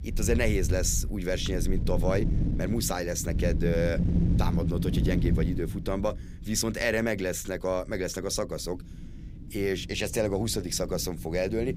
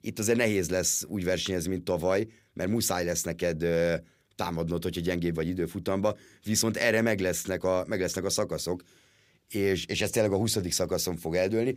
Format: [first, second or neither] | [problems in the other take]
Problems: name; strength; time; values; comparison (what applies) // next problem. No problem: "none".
second | wind noise on the microphone; occasional gusts; 10 dB below the speech